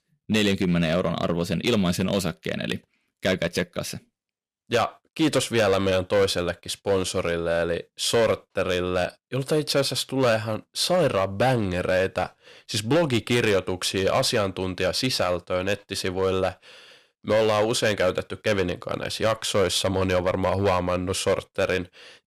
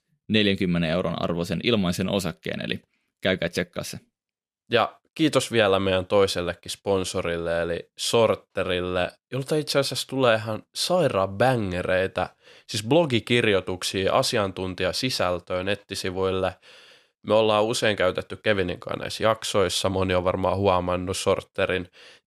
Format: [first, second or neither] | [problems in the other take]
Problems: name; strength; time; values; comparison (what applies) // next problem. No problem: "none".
second | distortion; slight; 5% of the sound clipped